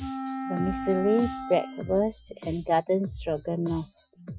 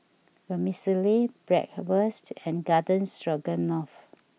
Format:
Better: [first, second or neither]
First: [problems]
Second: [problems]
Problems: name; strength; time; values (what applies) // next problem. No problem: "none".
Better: second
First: noise reduction (classical method Wiener filter)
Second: none